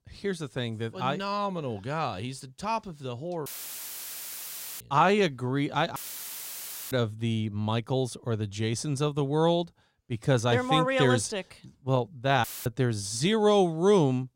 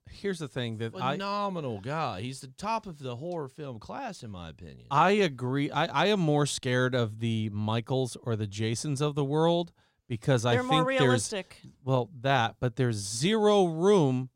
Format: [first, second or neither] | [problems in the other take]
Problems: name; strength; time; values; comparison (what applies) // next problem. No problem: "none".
second | audio cutting out; filled with static; at 3.5 s for 1.5 s, at 6 s for 1 s and at 12 s